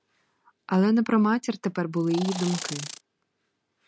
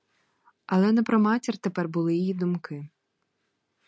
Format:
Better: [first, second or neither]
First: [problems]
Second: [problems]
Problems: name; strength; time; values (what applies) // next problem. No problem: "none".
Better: second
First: background sound (Insect); 10 dB below the speech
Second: none